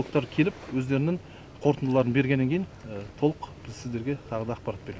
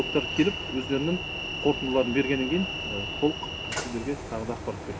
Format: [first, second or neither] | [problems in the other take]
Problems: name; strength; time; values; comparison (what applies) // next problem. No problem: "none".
first | background sound (Train); 5 dB below the speech // room echo; dies away in 0.3 s